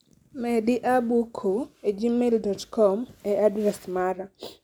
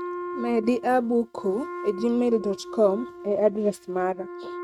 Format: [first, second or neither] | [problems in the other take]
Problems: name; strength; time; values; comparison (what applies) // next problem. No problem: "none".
first | noise reduction (neural mask model RNNoise)